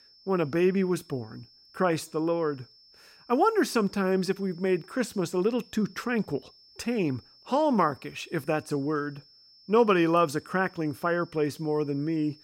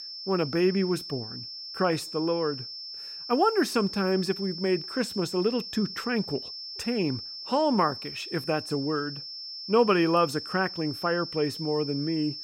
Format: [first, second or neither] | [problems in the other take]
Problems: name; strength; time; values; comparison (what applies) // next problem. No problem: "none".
first | high-pitched whine; loud; throughout; 5.5 kHz, 9 dB below the speech; faint in the first